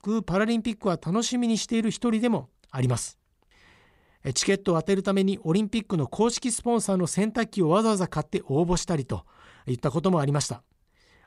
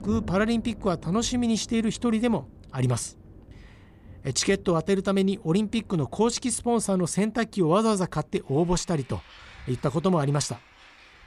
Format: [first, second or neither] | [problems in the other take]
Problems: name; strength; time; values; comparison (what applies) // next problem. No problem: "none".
first | rain or running water; faint; throughout; 20 dB below the speech